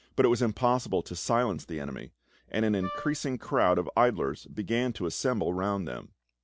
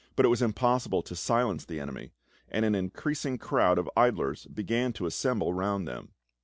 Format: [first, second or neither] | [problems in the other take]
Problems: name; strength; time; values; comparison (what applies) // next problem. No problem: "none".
second | background sound (Wind instrument, woodwind instrument); 11 dB below the speech